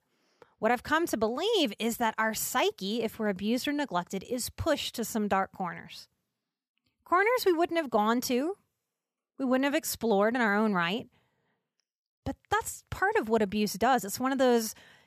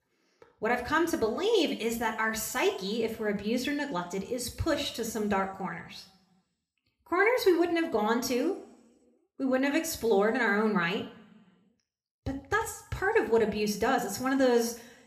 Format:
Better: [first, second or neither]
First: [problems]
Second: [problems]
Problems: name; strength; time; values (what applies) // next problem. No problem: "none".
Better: first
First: none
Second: room echo; slight; dies away in 0.6 s